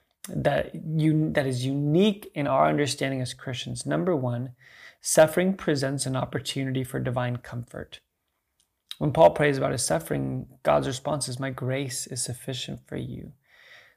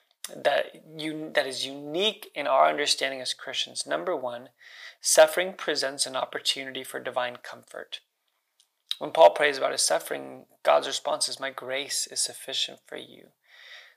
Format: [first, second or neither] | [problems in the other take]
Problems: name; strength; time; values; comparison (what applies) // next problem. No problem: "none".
first | thin; very; fading below 650 Hz